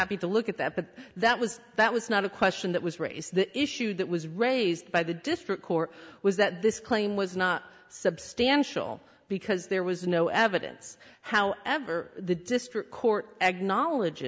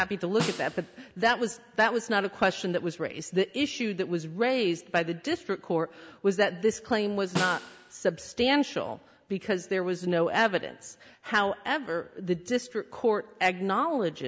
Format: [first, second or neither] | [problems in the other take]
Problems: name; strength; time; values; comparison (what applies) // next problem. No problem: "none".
first | background sound (Snare drum); 11 dB below the speech